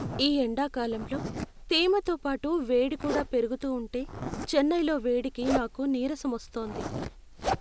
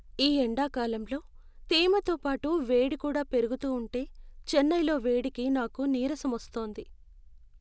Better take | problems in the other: second | background sound (Zipper (clothing)); 9 dB below the speech

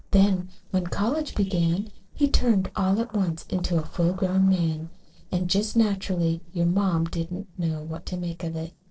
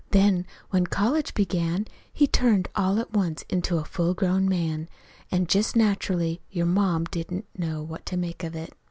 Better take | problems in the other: second | noise reduction (neural separator model SepFormer DNS4)

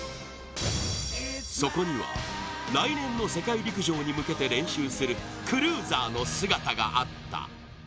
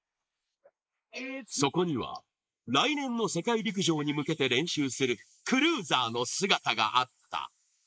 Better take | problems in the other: first | noise reduction (neural mask model Resemble Enhance denoiser)

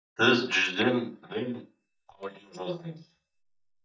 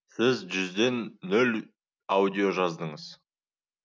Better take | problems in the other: second | noise reduction (neural mask model DeepFilterNet 3)

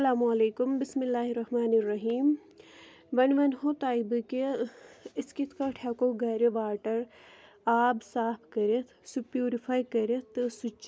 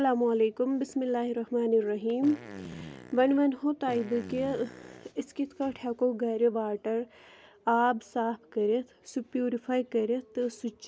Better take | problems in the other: first | background sound (Fart); 15 dB below the speech

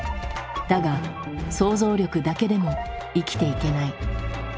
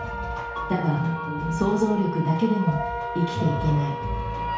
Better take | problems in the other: first | background sound (Wind instrument, woodwind instrument); 7 dB below the speech // room echo; dies away in 0.6 s

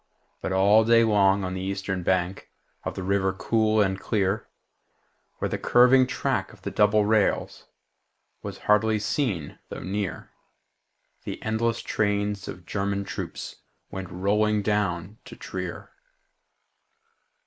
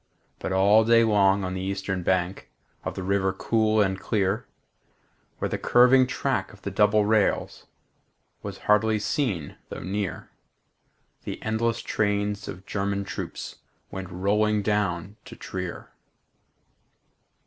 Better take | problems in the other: second | noise reduction (neural mask model Resemble Enhance denoiser)

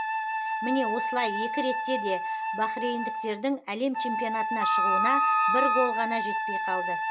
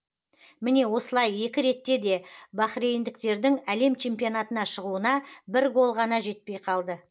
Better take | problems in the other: second | background sound (Wind instrument, woodwind instrument + Wind instrument, woodwind instrument); 3 dB above the speech

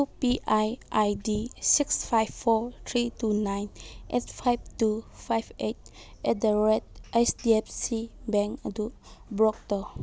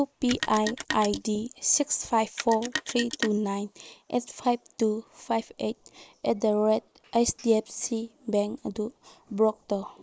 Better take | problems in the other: first | noise reduction (neural mask model Resemble Enhance denoiser)

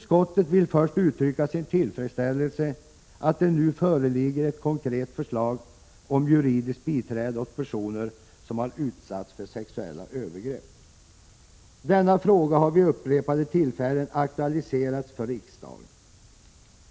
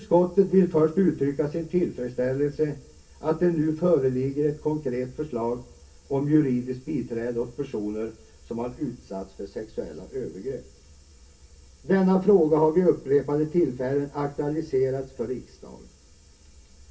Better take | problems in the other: first | room echo; dies away in 0.2 s

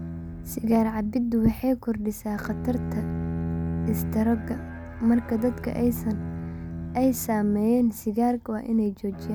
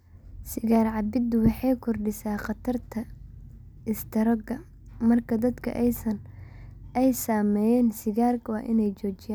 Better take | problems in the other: second | background sound (Bowed string instrument); 8 dB below the speech

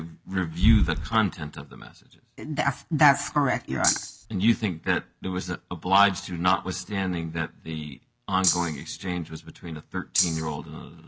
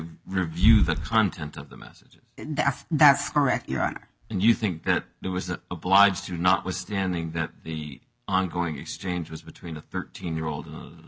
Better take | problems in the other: second | background sound (Rattle (instrument)); 2 dB below the speech

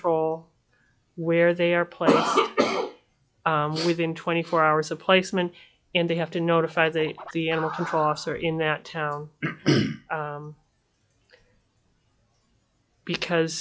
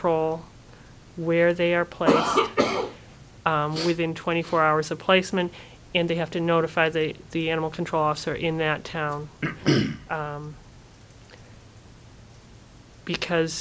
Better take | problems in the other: second | noise reduction (classical method log-MMSE)

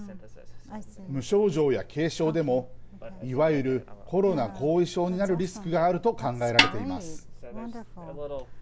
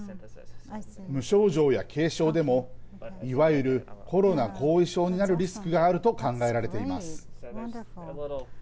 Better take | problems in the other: second | background sound (Snare drum); 3 dB above the speech

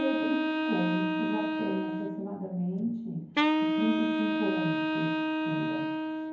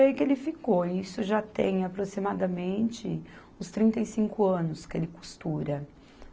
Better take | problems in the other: second | background sound (Wind instrument, woodwind instrument); 4 dB above the speech // room echo; dies away in 0.9 s

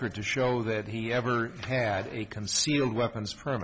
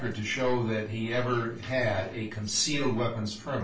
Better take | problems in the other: first | noise reduction (neural separator model SepFormer DNS4)

